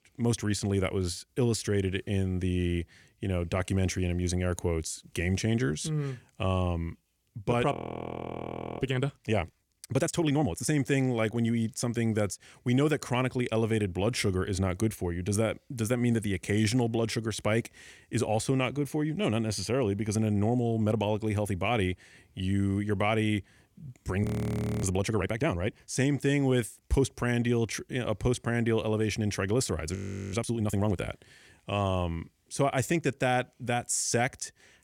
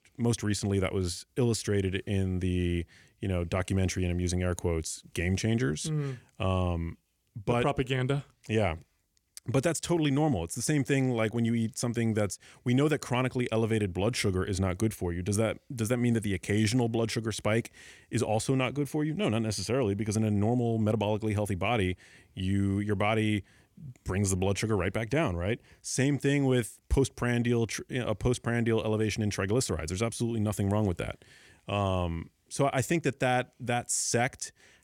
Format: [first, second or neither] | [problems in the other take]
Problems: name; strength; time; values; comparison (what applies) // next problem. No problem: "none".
second | audio freezing; at 7.5 s for 1 s, at 24 s for 0.5 s and at 30 s